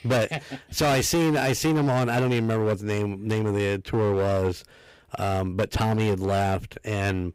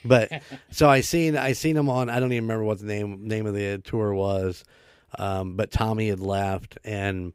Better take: second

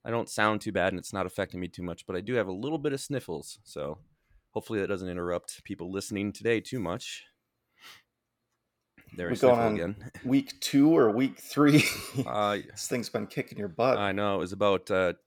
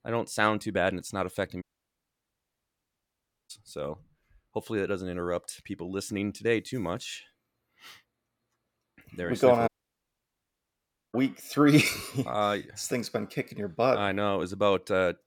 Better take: first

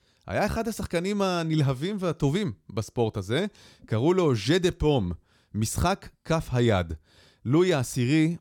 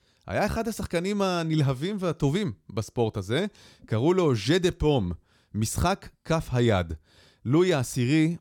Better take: neither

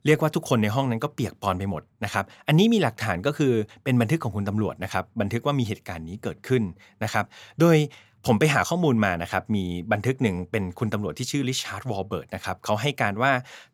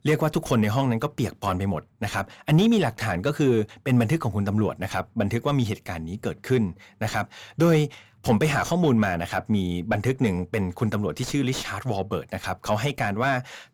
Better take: first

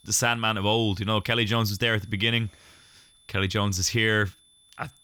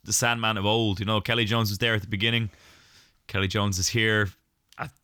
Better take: second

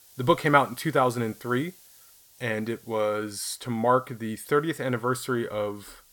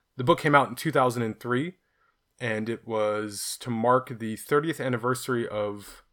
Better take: second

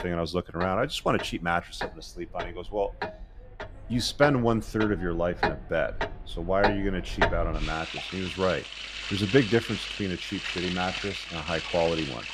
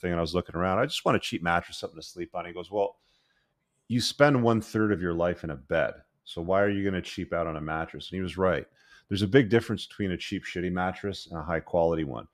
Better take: second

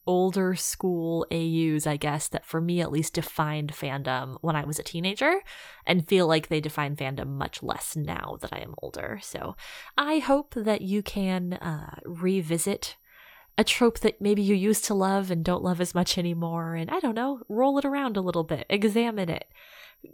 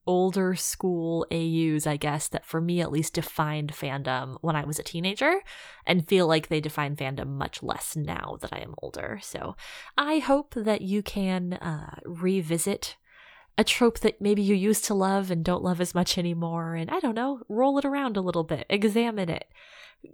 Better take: second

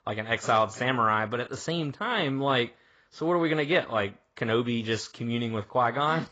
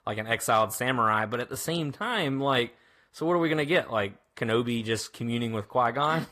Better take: second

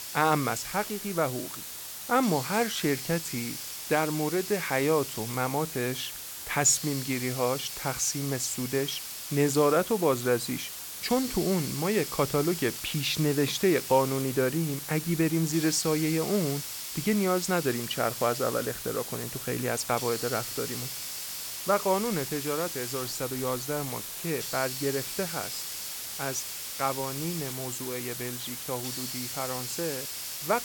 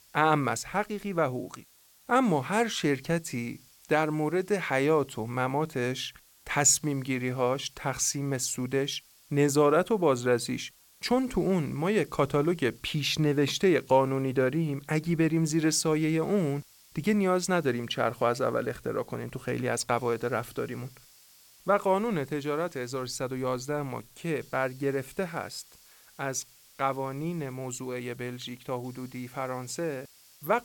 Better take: second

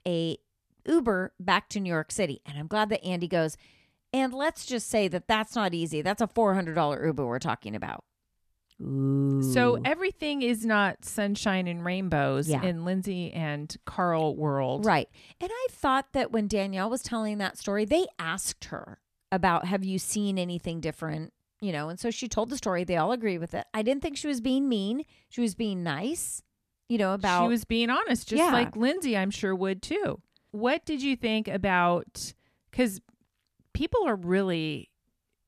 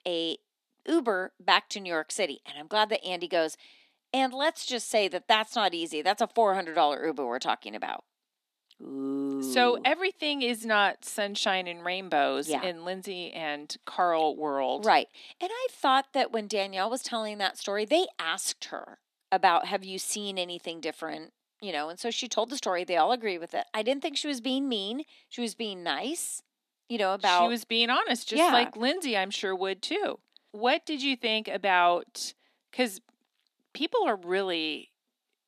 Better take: first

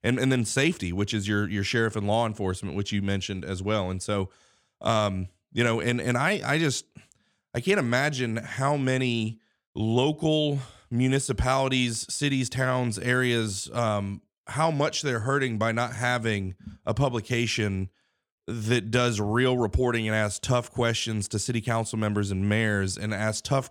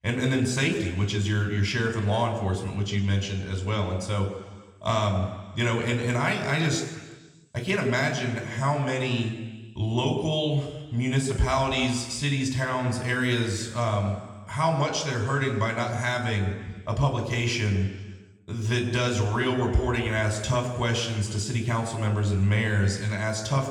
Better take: first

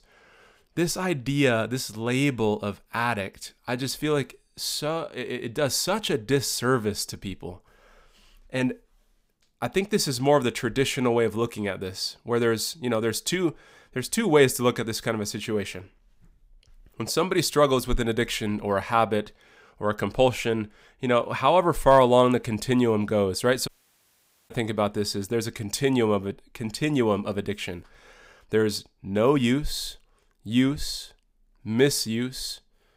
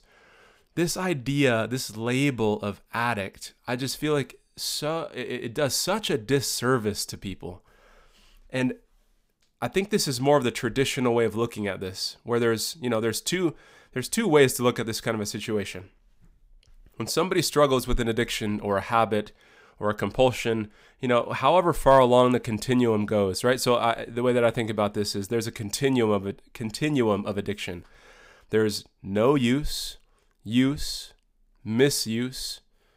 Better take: second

